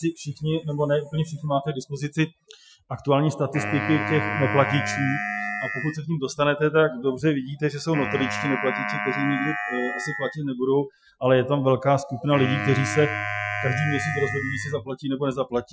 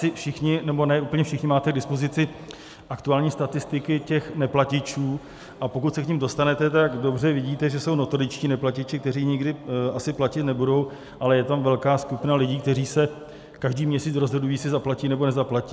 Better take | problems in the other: second | noise reduction (classical method Wiener filter)

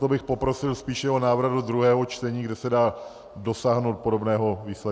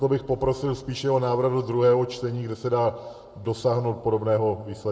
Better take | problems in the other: first | room echo; dies away in 1.3 s

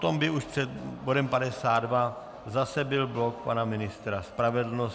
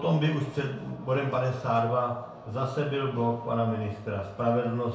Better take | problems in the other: first | room echo; dies away in 0.6 s

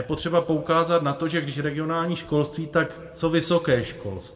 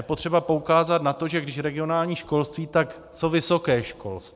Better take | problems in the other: second | room echo; dies away in 1.1 s

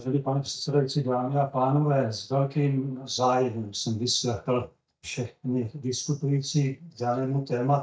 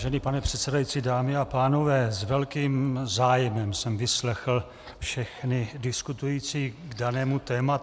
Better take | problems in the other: second | noise reduction (neural mask model DeepFilterNet 3)

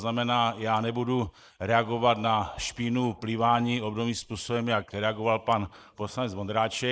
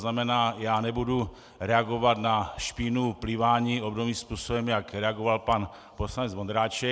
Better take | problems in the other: second | noise reduction (neural mask model Resemble Enhance denoiser)

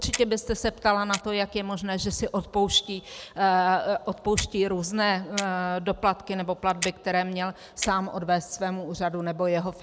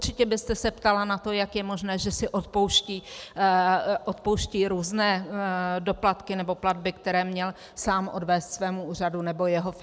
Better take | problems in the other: second | background sound (Clock); 12 dB below the speech

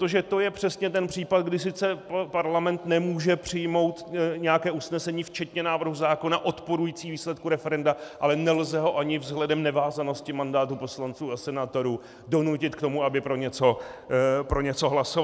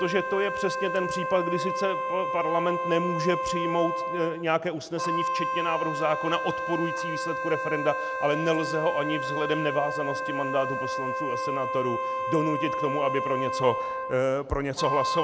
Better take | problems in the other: first | background sound (Wind instrument, woodwind instrument); 2 dB below the speech

